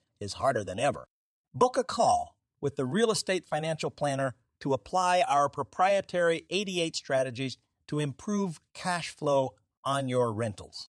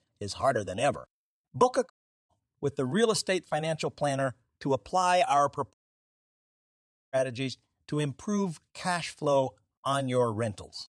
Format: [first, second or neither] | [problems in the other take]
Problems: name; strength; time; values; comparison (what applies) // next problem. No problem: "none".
first | audio cutting out; at 2 s and at 5.5 s for 1.5 s